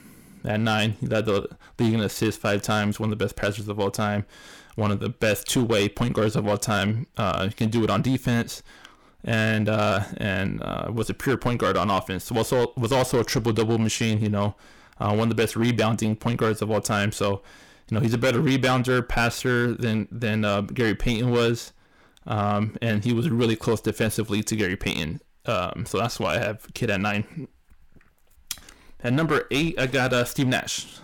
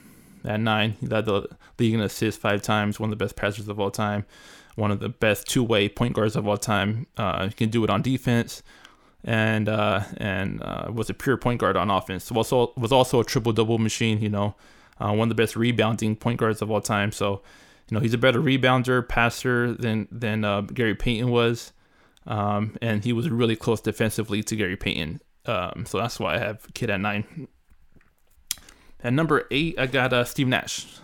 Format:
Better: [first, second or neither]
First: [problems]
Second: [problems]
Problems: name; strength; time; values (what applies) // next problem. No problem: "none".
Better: second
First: distortion; slight; 6% of the sound clipped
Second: none